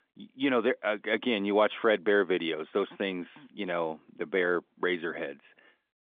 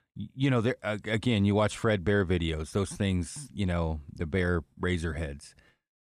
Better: second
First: phone-call audio; nothing above 3.5 kHz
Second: none

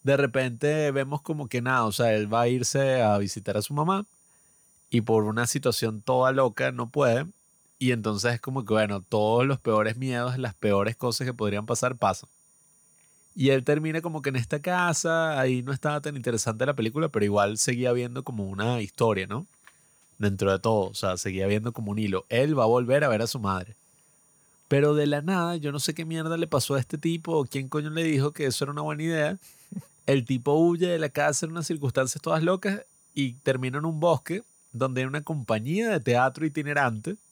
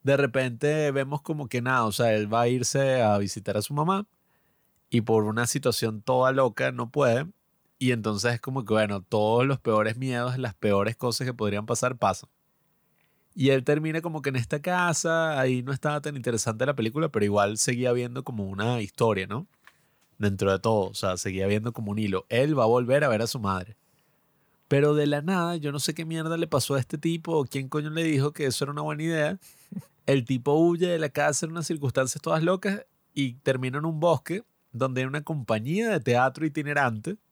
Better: second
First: high-pitched whine; faint; throughout; 9 kHz, 35 dB below the speech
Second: none

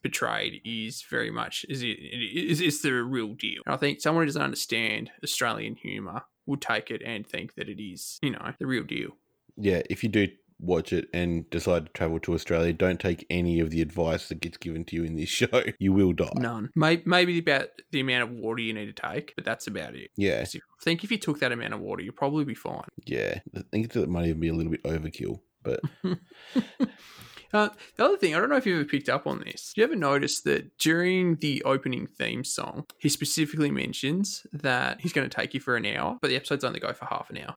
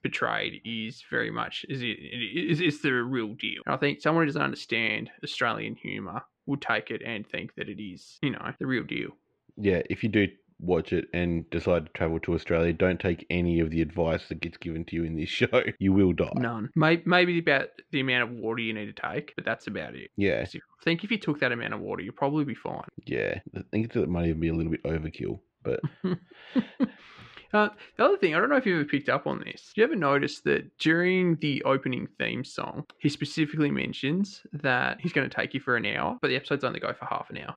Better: first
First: none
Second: muffled; slightly; fading above 2.5 kHz

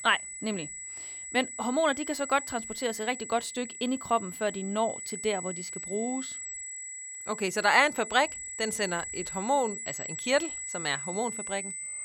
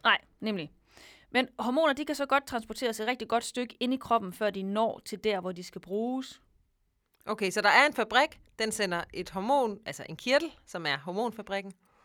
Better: second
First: high-pitched whine; loud; throughout; 8 kHz, 7 dB below the speech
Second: none

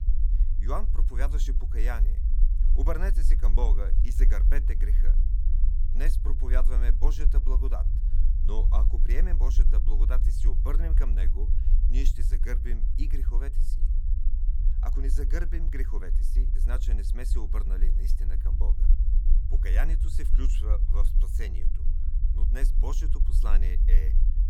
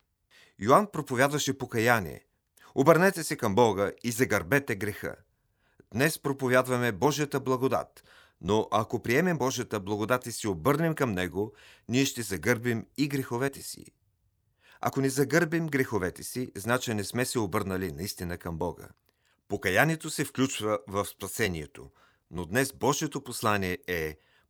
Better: second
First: low rumble; loud; throughout; 8 dB below the speech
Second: none

